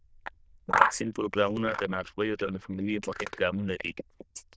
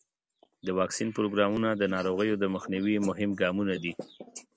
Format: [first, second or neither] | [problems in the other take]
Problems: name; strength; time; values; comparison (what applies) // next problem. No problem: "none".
second | noise reduction (neural diffusion model UNIVERSE++)